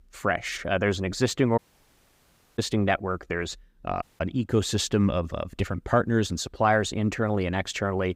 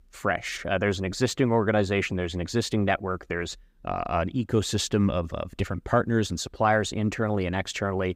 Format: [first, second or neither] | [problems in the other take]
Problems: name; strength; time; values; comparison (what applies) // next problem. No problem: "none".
second | audio cutting out; at 1.5 s for 1 s and at 4 s